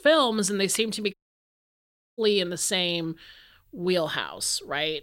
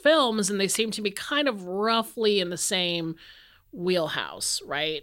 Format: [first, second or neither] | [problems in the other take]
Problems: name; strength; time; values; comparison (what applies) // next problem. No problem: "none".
second | audio cutting out; at 1 s for 1 s